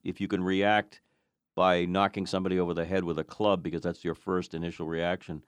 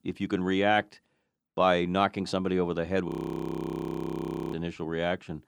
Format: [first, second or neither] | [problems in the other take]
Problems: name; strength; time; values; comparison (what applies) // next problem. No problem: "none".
first | audio freezing; at 3 s for 1.5 s